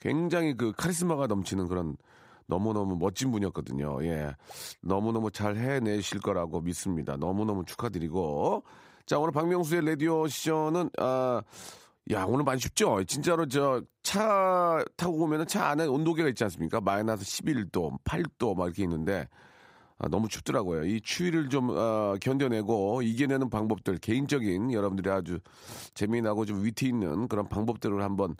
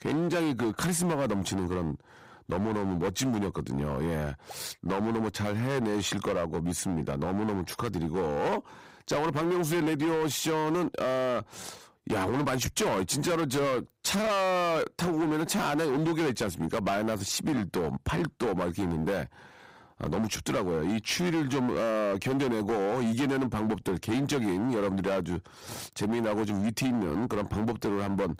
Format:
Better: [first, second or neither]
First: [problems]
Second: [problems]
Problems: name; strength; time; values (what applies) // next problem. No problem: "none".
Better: first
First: none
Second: distortion; heavy; 20% of the sound clipped